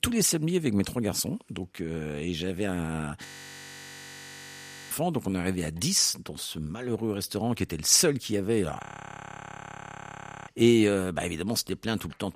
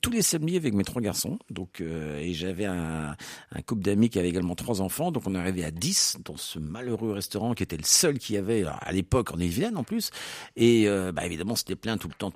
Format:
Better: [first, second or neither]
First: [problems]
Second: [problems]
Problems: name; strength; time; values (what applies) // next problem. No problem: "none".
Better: second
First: audio freezing; at 3.5 s for 1.5 s and at 9 s for 1.5 s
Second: none